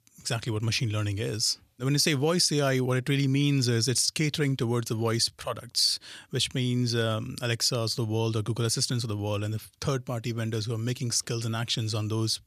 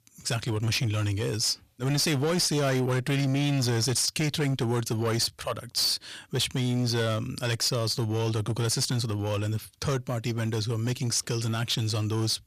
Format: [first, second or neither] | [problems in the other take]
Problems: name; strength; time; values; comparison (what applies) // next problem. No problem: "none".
first | distortion; slight; 13% of the sound clipped